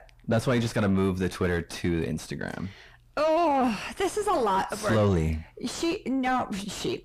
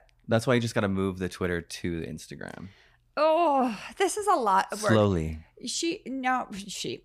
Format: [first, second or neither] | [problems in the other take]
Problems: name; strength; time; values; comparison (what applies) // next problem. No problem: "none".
second | distortion; heavy; 5 dB below the speech